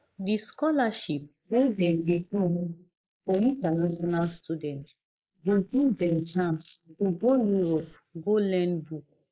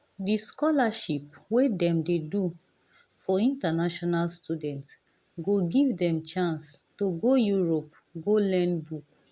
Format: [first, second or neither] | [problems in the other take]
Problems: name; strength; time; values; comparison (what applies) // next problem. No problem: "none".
second | noise reduction (neural mask model Resemble Enhance denoiser)